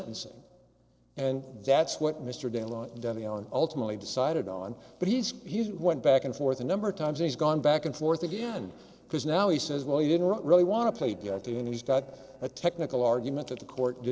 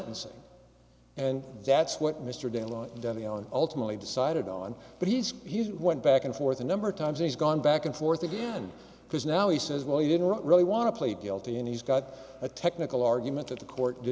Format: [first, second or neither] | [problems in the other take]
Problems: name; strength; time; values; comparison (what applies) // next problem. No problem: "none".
second | noise reduction (neural separator model SepFormer DNS4)